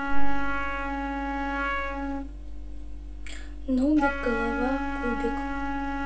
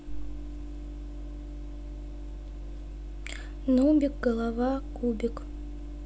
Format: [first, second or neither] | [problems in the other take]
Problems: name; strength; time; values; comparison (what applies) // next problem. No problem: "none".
second | background sound (Wind instrument, woodwind instrument); 6 dB below the speech // room echo; dies away in 0.3 s